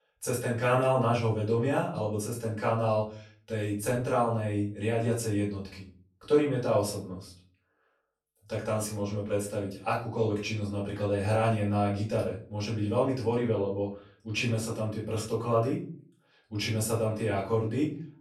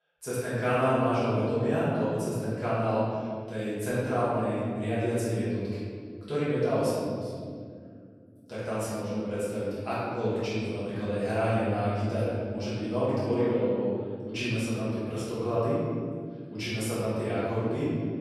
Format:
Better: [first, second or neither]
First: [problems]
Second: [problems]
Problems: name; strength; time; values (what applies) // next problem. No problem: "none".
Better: first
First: room echo; slight; dies away in 0.4 s // off-mic speech; far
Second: room echo; strong; dies away in 2.4 s // off-mic speech; far